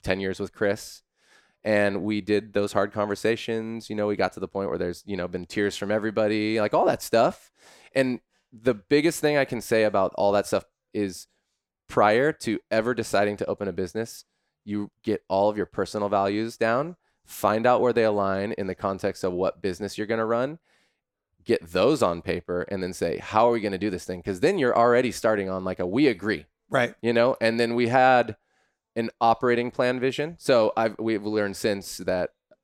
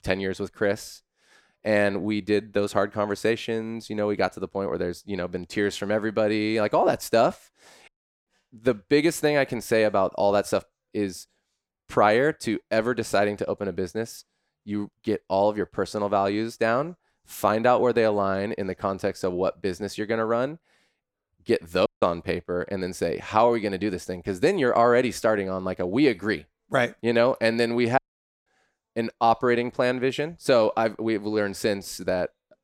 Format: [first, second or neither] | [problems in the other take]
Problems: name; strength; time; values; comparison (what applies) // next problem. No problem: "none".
first | audio cutting out; at 8 s, at 22 s and at 28 s